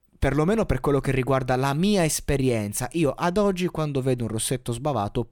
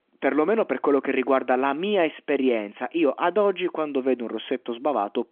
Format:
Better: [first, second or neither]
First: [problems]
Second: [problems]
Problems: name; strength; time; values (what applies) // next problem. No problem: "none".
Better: first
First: none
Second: phone-call audio; nothing above 3.5 kHz